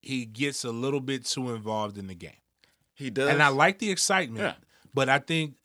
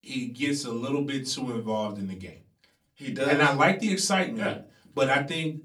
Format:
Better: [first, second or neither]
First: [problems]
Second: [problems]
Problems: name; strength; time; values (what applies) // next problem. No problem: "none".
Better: first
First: none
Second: off-mic speech; far // room echo; very slight; dies away in 0.3 s